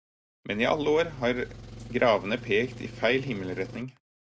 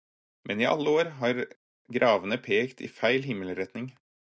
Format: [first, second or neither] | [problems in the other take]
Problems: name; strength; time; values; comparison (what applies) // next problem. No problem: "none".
second | background sound (Engine); 14 dB below the speech